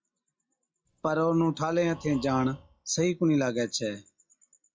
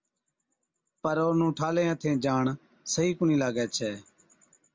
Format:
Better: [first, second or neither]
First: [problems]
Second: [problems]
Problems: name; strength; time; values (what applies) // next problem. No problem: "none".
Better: second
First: noise reduction (classical method log-MMSE)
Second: none